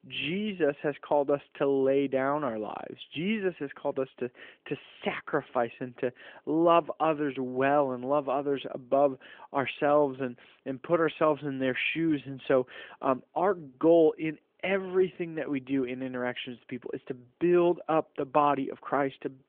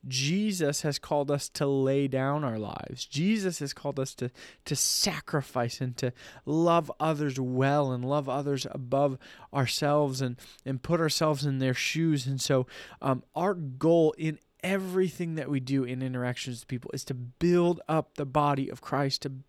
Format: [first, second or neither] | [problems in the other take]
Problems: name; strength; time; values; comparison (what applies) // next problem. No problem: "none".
second | phone-call audio; nothing above 3.5 kHz